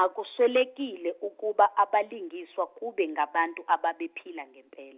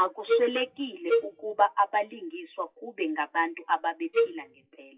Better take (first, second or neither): first